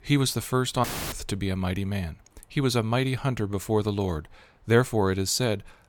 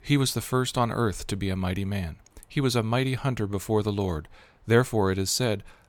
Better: second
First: audio cutting out; filled with static; at 1 s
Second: none

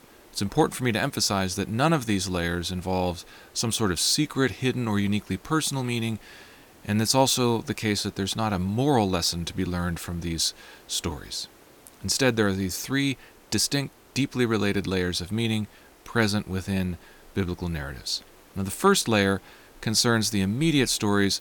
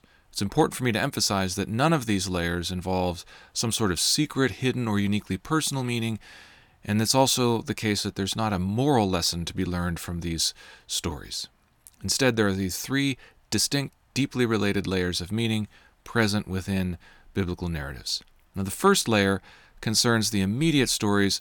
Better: second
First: hiss; faint; throughout; 25 dB below the speech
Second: none

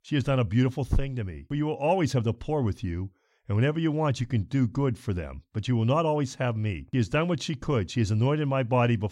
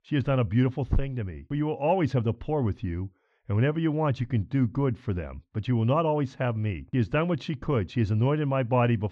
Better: first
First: none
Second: muffled; slightly; fading above 2.5 kHz

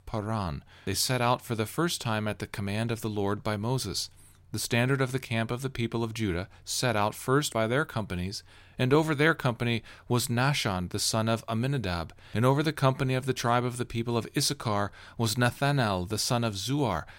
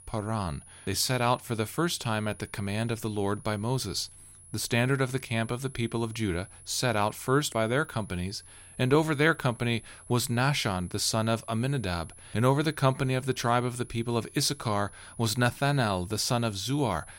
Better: first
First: none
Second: high-pitched whine; faint; throughout; 10.5 kHz, 20 dB below the speech

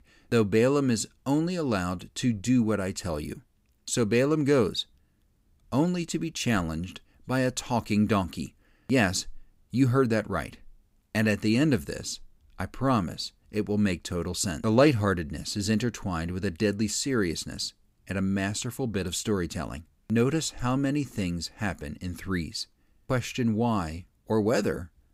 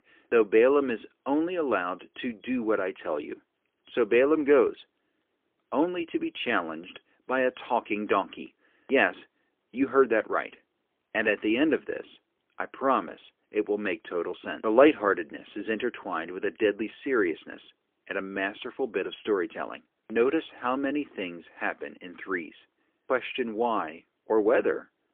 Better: first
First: none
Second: phone-call audio; poor line

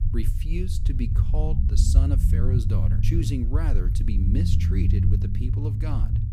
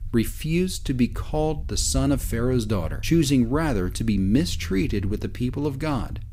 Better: second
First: low rumble; loud; throughout; 1 dB below the speech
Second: low rumble; faint; throughout; 25 dB below the speech

